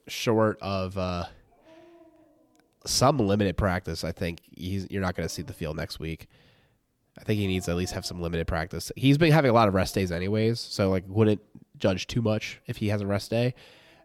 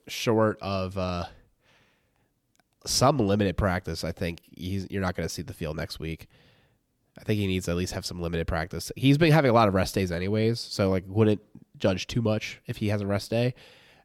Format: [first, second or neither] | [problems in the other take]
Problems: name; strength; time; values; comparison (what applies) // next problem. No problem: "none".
second | animal sounds; faint; throughout; 30 dB below the speech